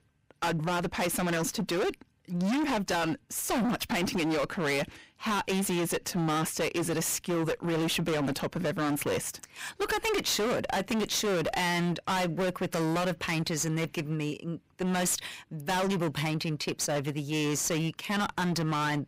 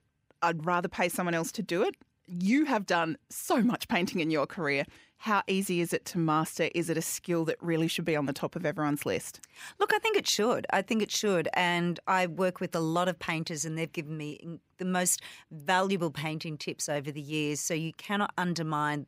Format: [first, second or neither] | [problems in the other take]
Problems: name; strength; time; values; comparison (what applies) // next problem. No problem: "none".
second | distortion; heavy; 30% of the sound clipped